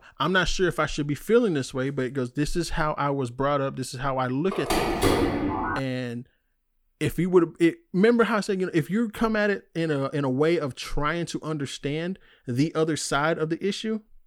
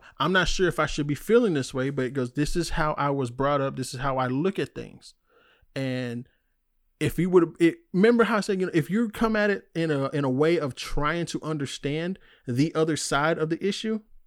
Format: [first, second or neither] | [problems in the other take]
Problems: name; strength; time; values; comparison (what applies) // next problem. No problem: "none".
second | phone ringing; loud; from 4.5 to 6 s; peak 3 dB above the speech